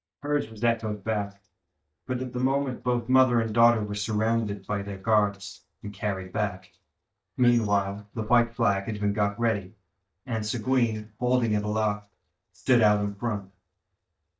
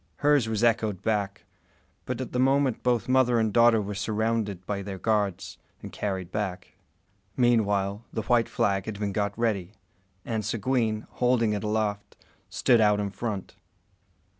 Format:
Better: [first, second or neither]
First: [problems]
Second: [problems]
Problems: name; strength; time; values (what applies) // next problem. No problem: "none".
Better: second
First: noise reduction (neural mask model DeepFilterNet 3)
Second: none